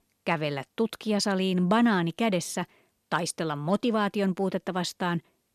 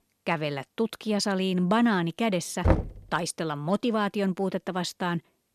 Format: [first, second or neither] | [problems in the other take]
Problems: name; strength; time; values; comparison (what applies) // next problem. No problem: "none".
first | door banging; loud; at 2.5 s; peak 2 dB above the speech